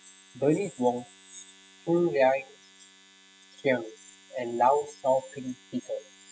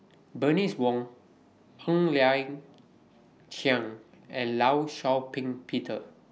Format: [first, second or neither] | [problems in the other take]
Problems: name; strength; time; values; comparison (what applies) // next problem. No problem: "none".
second | noise reduction (classical method spectral subtraction)